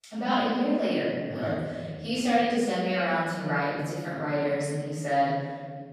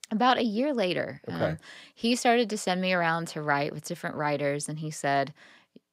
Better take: second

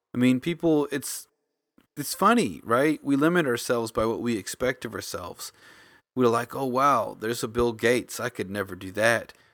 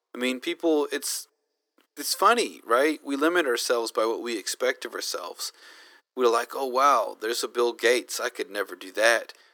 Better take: first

